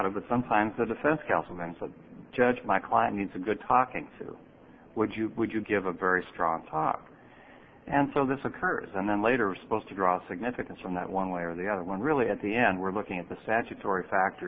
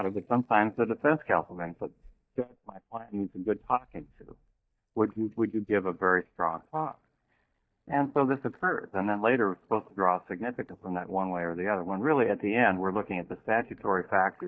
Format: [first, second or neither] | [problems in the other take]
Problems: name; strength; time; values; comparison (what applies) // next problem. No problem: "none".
first | noise reduction (neural mask model DeepFilterNet 3)